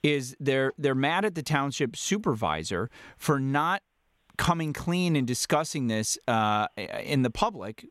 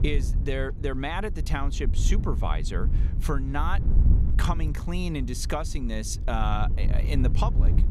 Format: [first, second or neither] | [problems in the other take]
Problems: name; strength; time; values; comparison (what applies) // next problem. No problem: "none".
first | wind noise on the microphone; occasional gusts; 10 dB below the speech